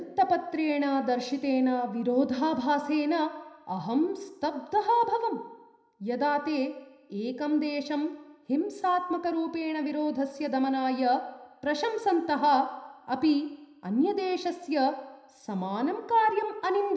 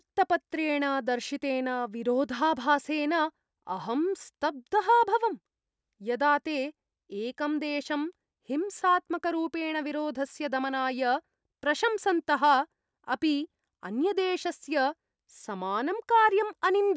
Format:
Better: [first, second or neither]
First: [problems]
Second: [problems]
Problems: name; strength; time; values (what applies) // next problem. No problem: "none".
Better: second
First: room echo; dies away in 0.8 s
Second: none